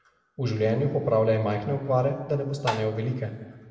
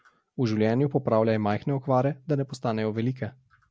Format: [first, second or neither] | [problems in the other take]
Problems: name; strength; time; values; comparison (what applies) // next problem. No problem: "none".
second | background sound (Tap); 6 dB below the speech // room echo; dies away in 1.7 s